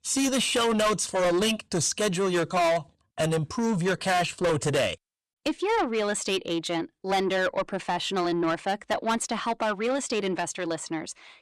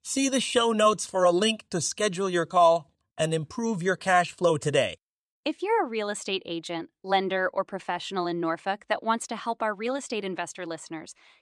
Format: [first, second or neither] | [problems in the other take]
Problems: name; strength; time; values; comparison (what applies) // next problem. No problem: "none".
second | distortion; heavy; 6 dB below the speech